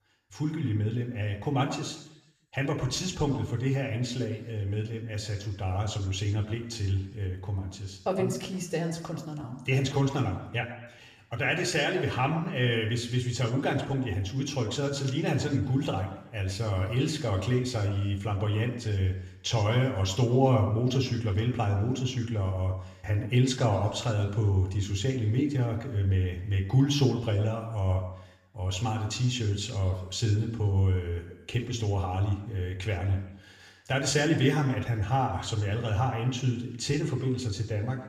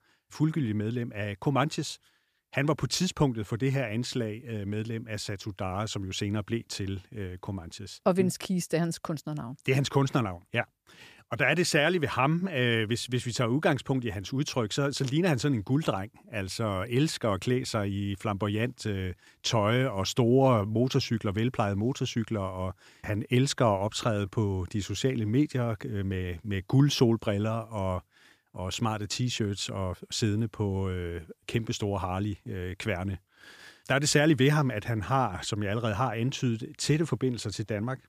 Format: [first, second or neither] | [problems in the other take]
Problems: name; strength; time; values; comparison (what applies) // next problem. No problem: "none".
second | room echo; slight; dies away in 0.8 s // off-mic speech; somewhat distant